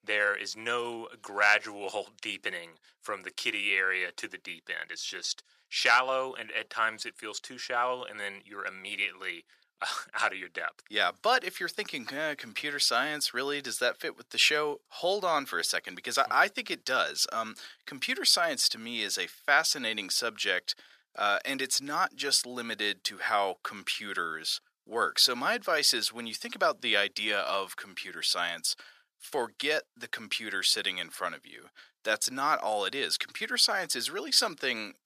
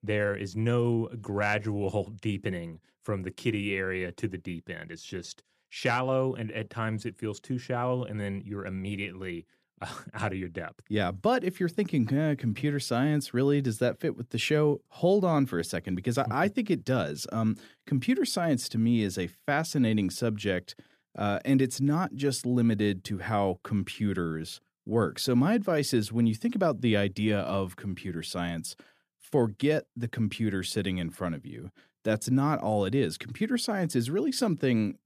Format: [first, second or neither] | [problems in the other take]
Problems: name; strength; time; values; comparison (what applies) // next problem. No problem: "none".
second | thin; very; fading below 850 Hz